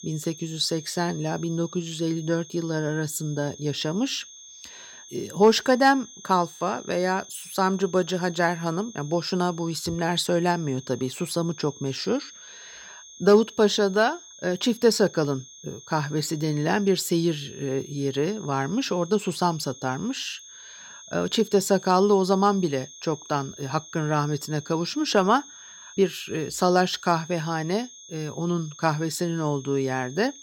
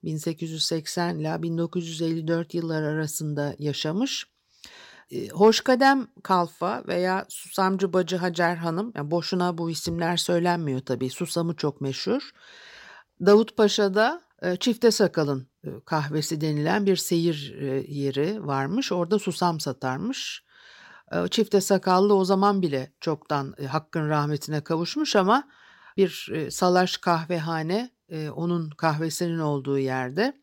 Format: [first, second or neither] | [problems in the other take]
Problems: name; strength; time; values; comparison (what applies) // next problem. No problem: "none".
second | high-pitched whine; noticeable; throughout; 6.5 kHz, 20 dB below the speech